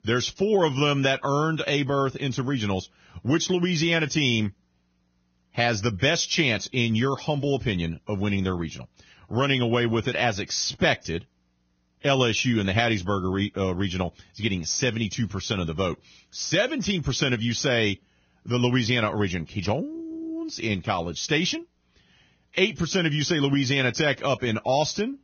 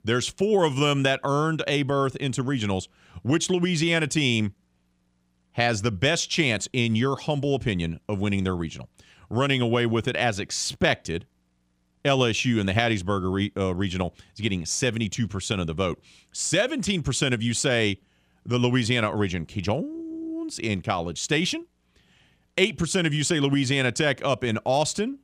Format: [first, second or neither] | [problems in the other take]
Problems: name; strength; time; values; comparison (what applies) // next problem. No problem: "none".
second | garbled, watery; badly; nothing above 6.5 kHz